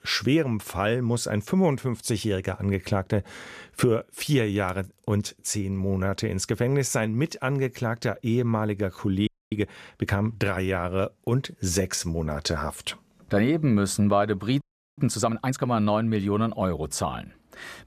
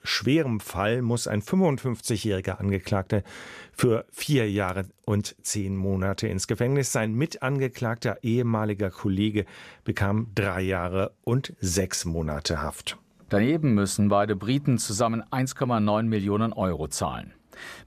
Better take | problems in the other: second | audio freezing; at 9.5 s and at 15 s

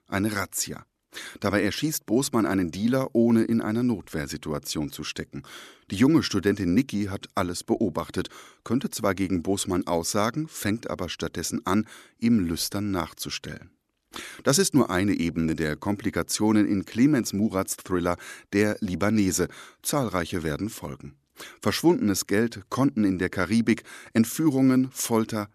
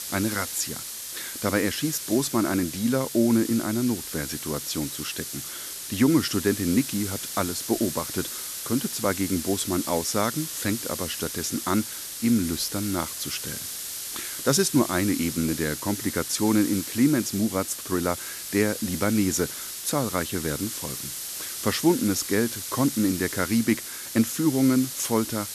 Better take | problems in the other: first | hiss; loud; throughout; 6 dB below the speech

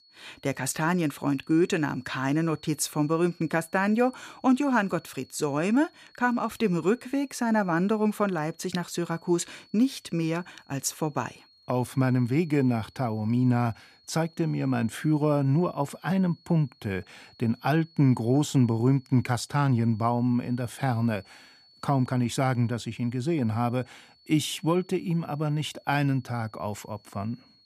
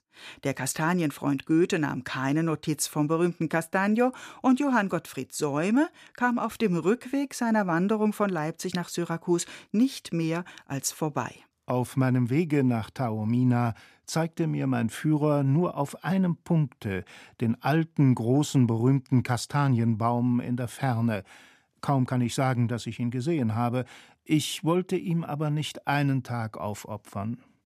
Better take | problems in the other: second | high-pitched whine; faint; throughout; 4.5 kHz, 30 dB below the speech

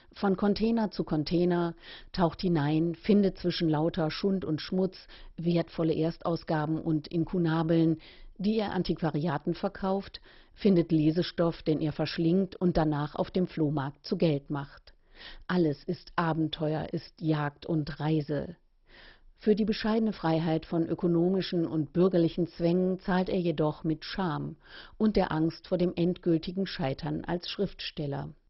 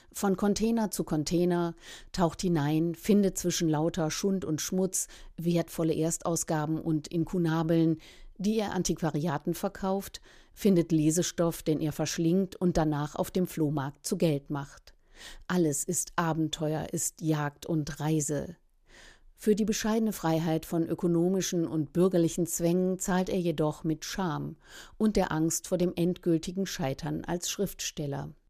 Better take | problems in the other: second | garbled, watery; badly; nothing above 5.5 kHz

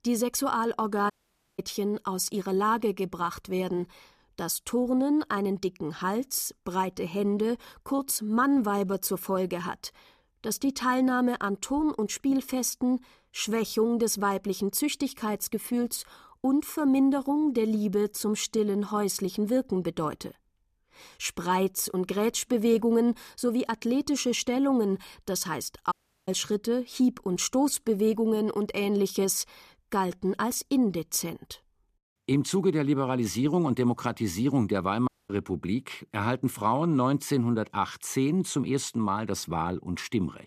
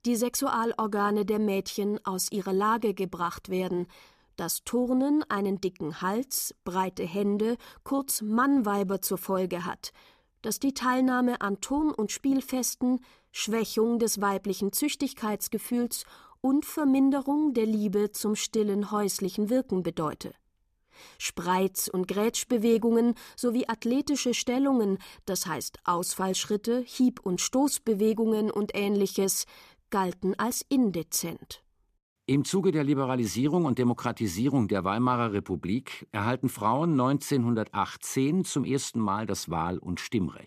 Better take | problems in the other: second | audio cutting out; at 1 s, at 26 s and at 35 s

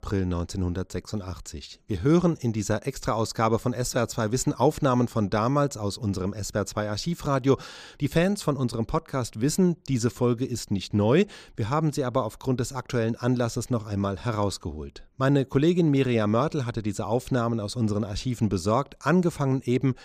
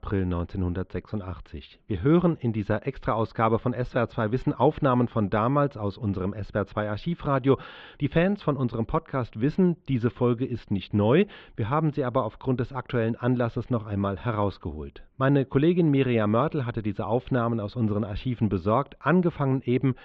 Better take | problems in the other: first | muffled; very; fading above 3.5 kHz

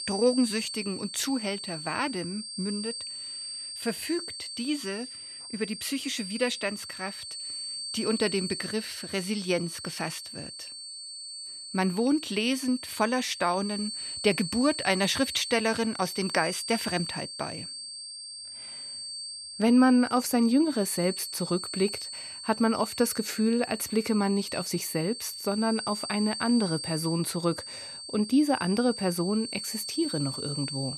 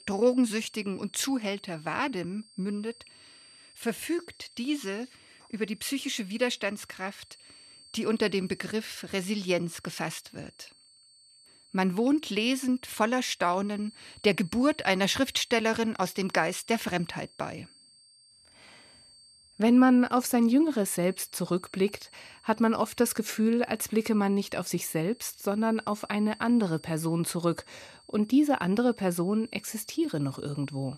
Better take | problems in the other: second | high-pitched whine; loud; throughout; 4.5 kHz, 7 dB below the speech; faint in the second

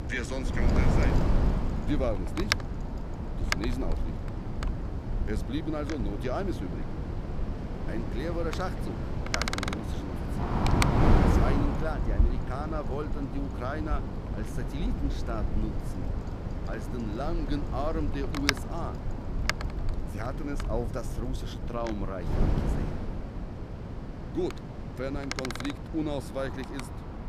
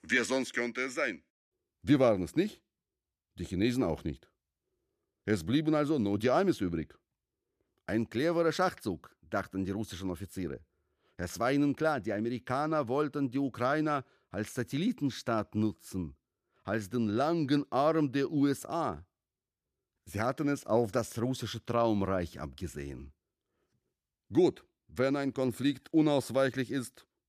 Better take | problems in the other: second | wind noise on the microphone; heavy; 1 dB above the speech

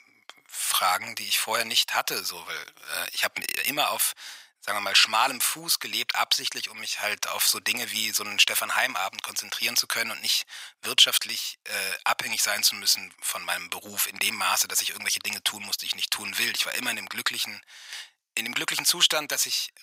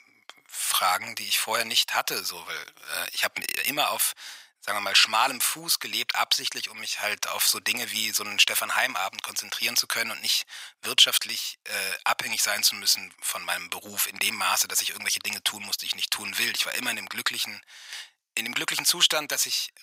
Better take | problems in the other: neither | thin; very; fading below 900 Hz; the same in both

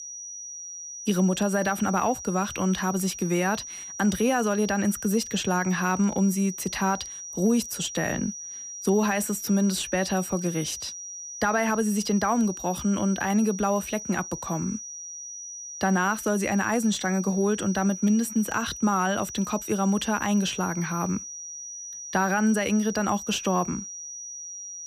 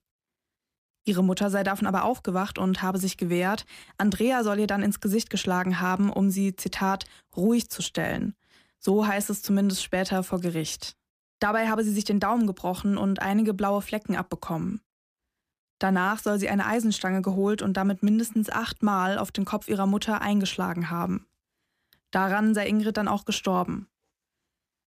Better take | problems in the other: second | high-pitched whine; loud; throughout; 6 kHz, 10 dB below the speech

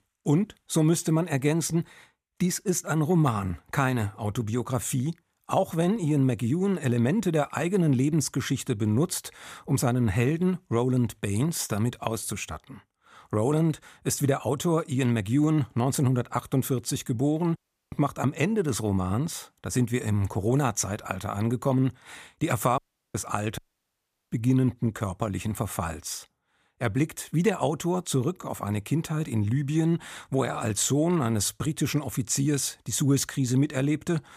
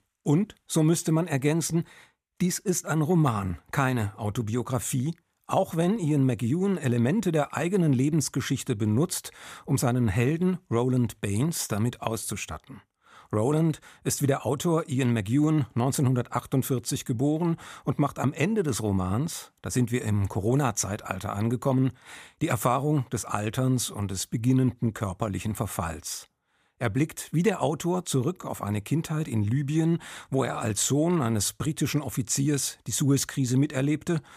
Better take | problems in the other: second | audio cutting out; at 18 s, at 23 s and at 24 s for 0.5 s

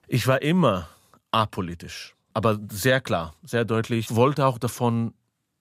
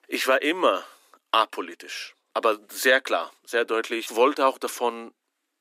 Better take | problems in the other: first | thin; somewhat; fading below 300 Hz

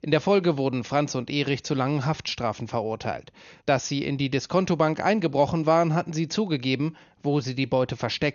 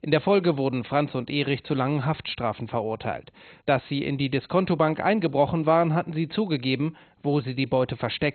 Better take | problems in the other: first | garbled, watery; badly; nothing above 4 kHz; slightly in the first

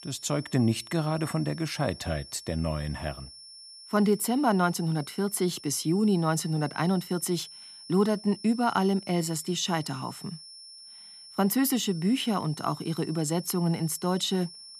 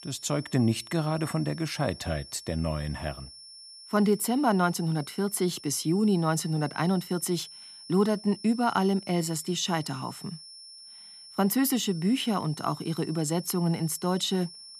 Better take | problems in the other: neither | high-pitched whine; noticeable; throughout; 5.5 kHz, 15 dB below the speech; the same in both

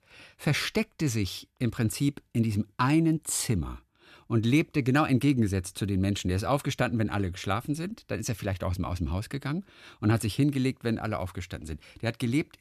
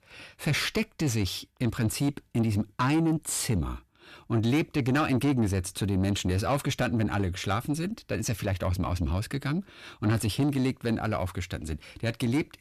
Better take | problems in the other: first | distortion; slight; 10 dB below the speech

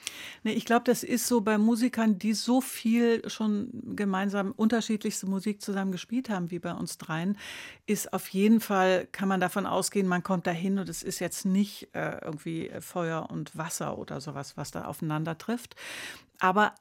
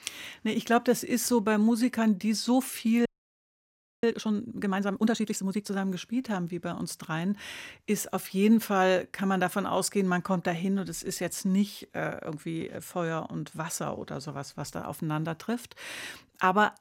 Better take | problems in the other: first | audio freezing; at 3 s for 1 s

